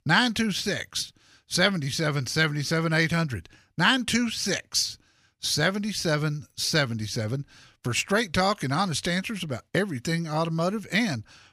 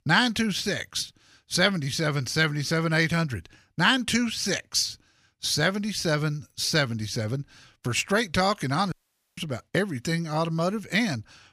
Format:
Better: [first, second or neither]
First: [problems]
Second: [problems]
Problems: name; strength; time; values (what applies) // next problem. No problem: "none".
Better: first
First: none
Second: audio cutting out; at 9 s